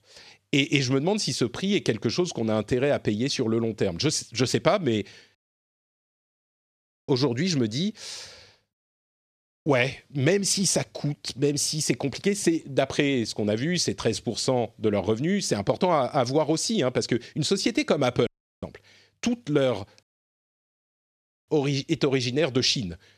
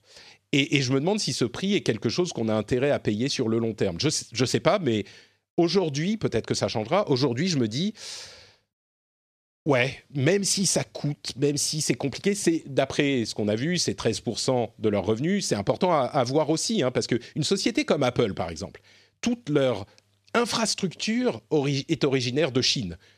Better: second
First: audio cutting out; at 5.5 s for 1.5 s, at 18 s and at 20 s for 1.5 s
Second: none

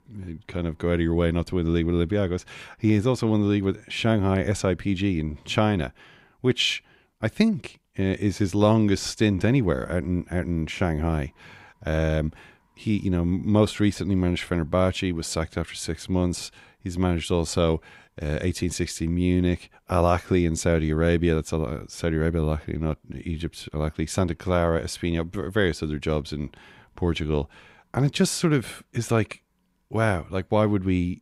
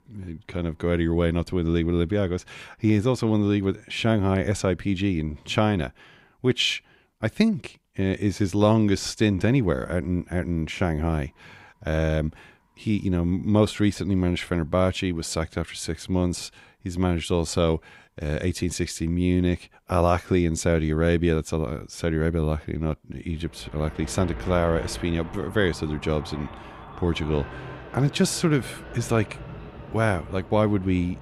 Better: first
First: none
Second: traffic noise; noticeable; from 24 s on; 15 dB below the speech

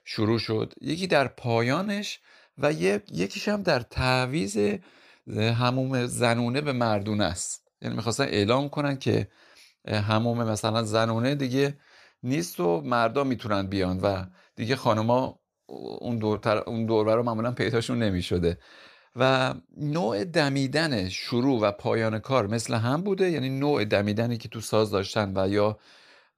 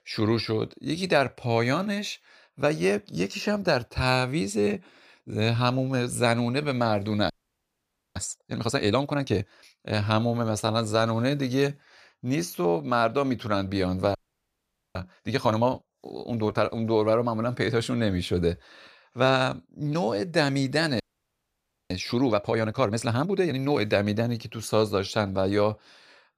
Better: first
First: none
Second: audio freezing; at 7.5 s for 1 s, at 14 s for 1 s and at 21 s for 1 s

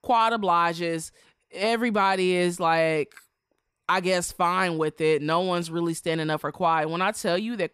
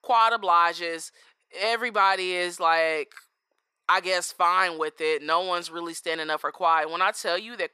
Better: first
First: none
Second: thin; very; fading below 500 Hz

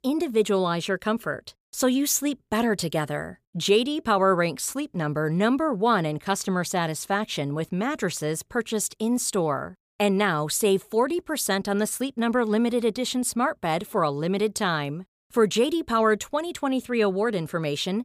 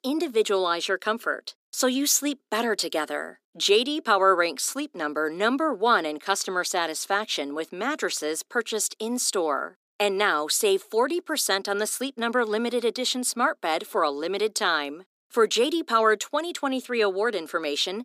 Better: first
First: none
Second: thin; very slightly; fading below 250 Hz

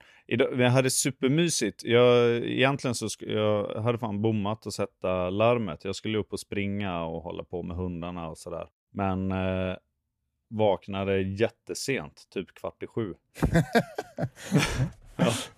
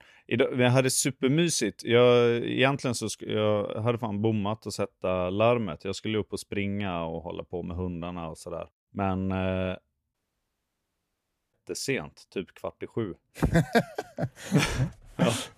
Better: first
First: none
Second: audio cutting out; at 10 s for 1.5 s

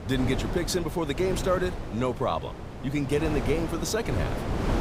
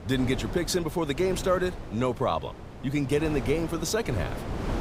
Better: second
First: wind noise on the microphone; heavy; 7 dB below the speech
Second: wind noise on the microphone; occasional gusts; 10 dB below the speech

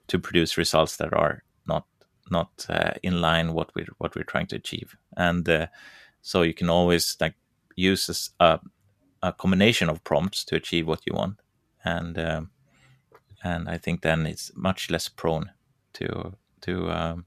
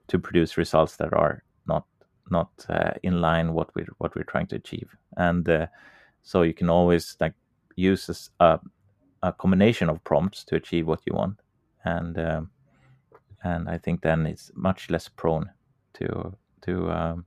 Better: first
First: none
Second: muffled; slightly; fading above 2 kHz

